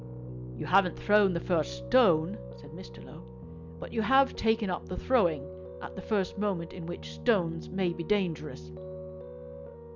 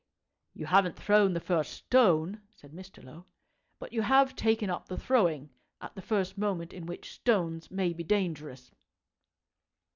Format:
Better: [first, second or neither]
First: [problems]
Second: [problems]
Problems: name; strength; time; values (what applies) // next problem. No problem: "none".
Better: second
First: background sound (Piano); 11 dB below the speech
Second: none